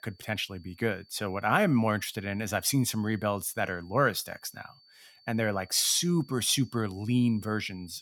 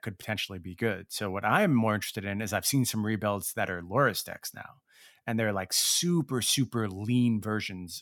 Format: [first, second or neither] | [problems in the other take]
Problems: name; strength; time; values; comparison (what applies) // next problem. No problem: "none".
second | high-pitched whine; faint; throughout; 4.5 kHz, 30 dB below the speech